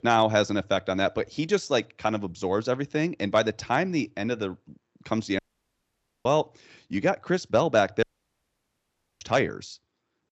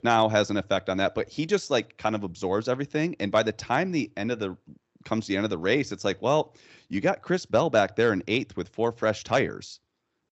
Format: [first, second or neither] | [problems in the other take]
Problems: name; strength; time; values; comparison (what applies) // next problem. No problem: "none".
second | audio cutting out; at 5.5 s for 1 s and at 8 s for 1 s